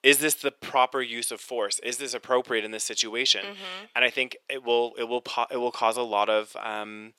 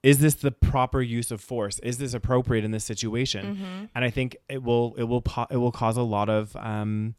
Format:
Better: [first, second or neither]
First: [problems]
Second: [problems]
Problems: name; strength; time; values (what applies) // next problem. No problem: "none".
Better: second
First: thin; very; fading below 400 Hz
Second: none